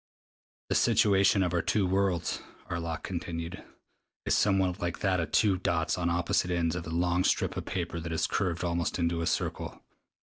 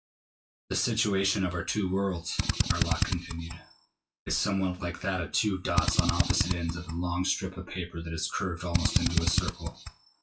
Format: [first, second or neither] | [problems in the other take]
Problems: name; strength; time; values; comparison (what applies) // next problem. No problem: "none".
first | noise reduction (classical method WPE with log-MMSE)